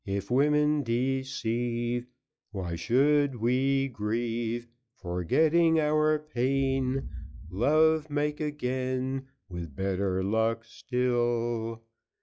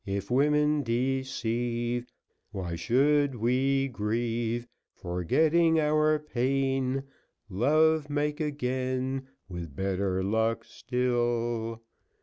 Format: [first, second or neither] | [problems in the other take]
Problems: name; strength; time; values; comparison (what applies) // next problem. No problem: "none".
second | noise reduction (classical method log-MMSE)